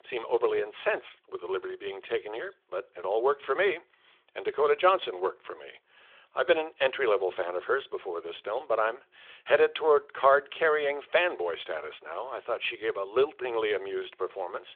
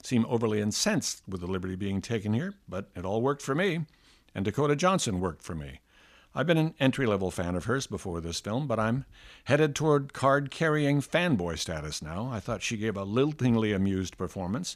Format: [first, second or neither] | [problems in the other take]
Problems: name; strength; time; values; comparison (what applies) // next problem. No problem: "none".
second | phone-call audio; nothing above 3.5 kHz